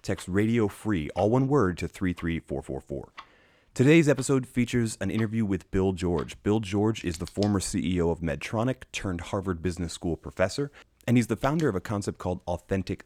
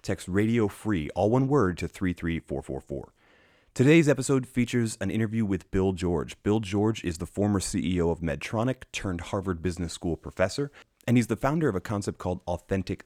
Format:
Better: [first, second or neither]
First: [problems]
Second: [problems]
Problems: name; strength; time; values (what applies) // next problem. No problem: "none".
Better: second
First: household noises; faint; throughout; 20 dB below the speech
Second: none